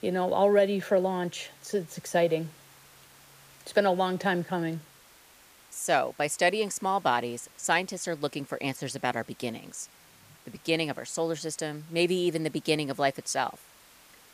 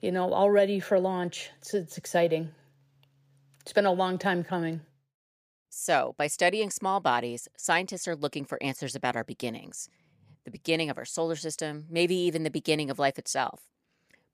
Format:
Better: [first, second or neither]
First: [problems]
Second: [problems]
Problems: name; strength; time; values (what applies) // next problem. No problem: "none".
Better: second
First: hiss; faint; throughout; 25 dB below the speech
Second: none